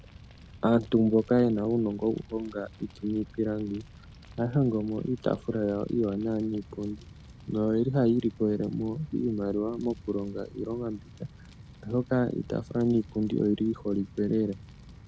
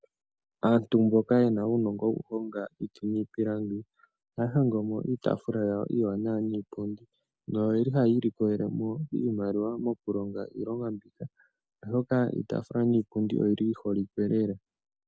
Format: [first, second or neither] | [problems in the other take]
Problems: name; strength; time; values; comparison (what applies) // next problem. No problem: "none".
second | background sound (Fire); 19 dB below the speech